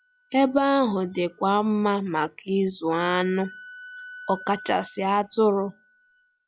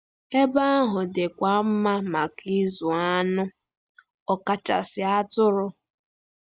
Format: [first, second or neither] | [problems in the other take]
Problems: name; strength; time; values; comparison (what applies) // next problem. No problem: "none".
second | noise reduction (classical method log-MMSE)